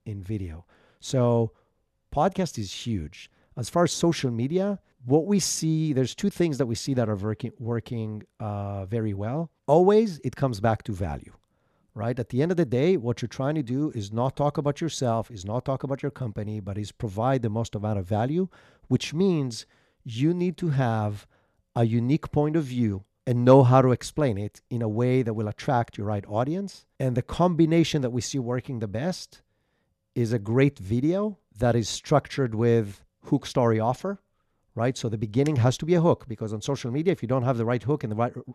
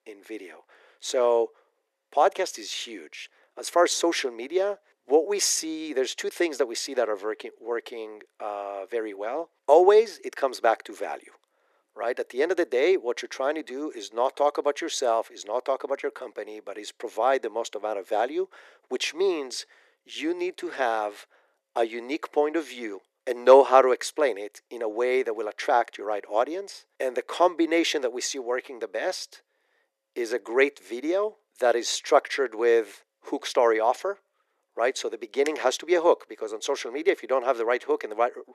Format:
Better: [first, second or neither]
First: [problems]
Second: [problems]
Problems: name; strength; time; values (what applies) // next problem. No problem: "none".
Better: first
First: none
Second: thin; very; fading below 350 Hz